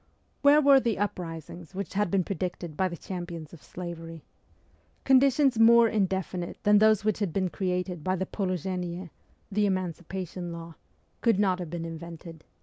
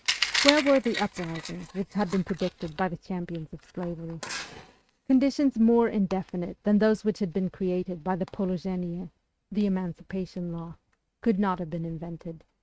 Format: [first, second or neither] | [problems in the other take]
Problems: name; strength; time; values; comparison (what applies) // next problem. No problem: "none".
first | noise reduction (neural mask model RNNoise)